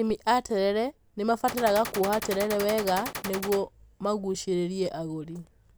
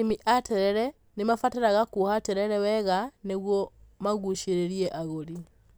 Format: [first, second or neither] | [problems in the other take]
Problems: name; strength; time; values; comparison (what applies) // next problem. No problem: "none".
second | background sound (Gunshot, gunfire); 8 dB below the speech